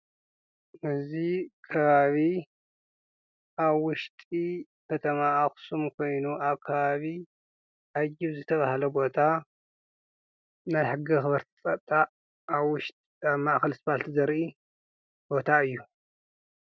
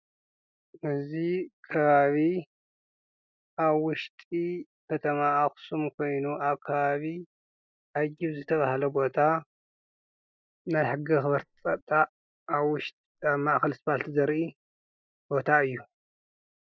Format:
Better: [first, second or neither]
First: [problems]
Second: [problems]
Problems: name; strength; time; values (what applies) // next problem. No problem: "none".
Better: first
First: none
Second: noise reduction (neural mask model Resemble Enhance denoiser)